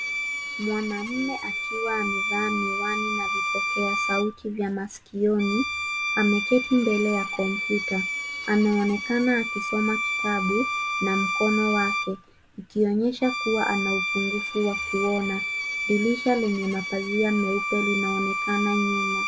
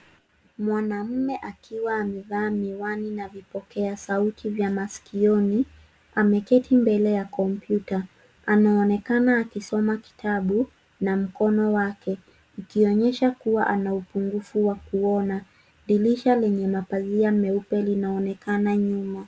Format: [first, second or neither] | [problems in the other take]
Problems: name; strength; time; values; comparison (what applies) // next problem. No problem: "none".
second | background sound (Bowed string instrument); 3 dB below the speech